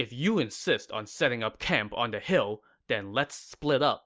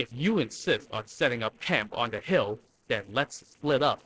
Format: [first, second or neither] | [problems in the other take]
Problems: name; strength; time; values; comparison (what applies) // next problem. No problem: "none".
first | noise reduction (neural separator model SepFormer DNS4)